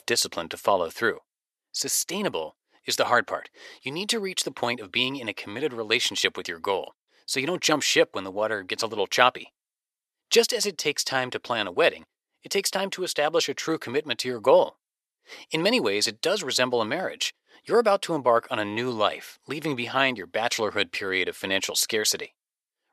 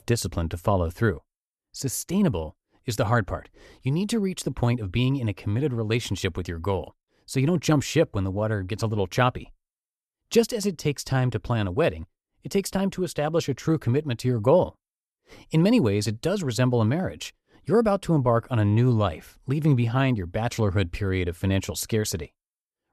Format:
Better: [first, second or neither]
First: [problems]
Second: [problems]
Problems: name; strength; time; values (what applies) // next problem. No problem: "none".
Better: second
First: thin; very; fading below 450 Hz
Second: none